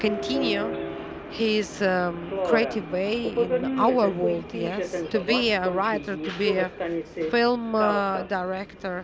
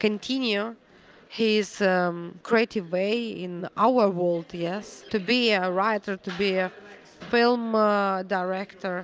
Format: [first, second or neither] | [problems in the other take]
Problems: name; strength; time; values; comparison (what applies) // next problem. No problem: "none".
second | background sound (Subway, metro, underground); 4 dB below the speech